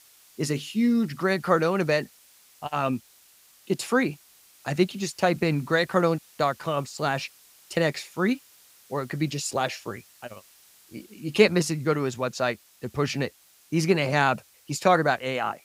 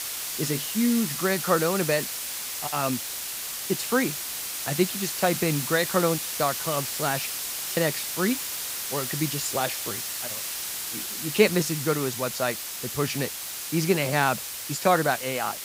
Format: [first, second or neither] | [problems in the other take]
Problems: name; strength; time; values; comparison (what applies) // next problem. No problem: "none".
first | hiss; loud; throughout; 3 dB below the speech; faint in the first